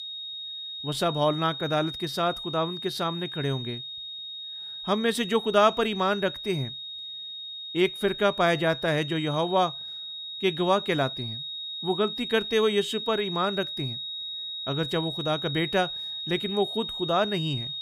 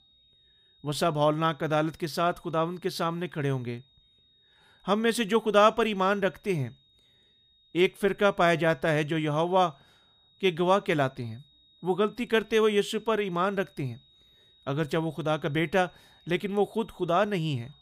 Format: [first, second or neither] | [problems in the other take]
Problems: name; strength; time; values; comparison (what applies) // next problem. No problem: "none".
second | high-pitched whine; loud; throughout; 4 kHz, 6 dB below the speech; faint in the second